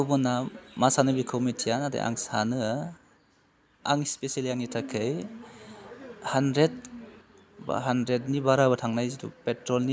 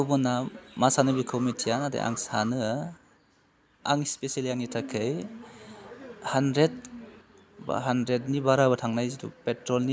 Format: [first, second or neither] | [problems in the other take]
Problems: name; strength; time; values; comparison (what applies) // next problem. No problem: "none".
first | background sound (Alarm); 17 dB below the speech